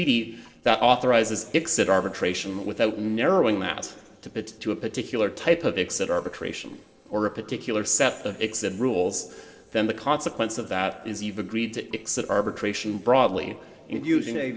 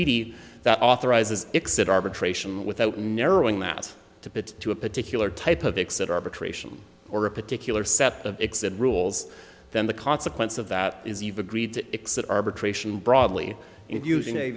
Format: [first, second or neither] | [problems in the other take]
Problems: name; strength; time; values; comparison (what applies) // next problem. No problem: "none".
second | noise reduction (neural separator model SepFormer DNS4)